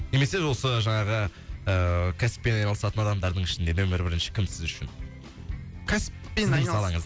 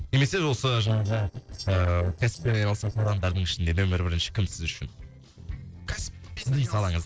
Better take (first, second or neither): first